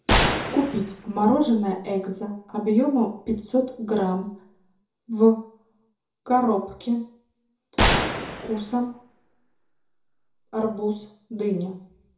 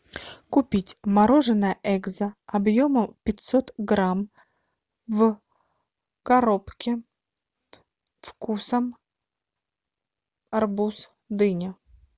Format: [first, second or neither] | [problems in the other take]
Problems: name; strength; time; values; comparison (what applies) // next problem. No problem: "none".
second | background sound (Gunshot, gunfire); 3 dB below the speech // room echo; dies away in 0.6 s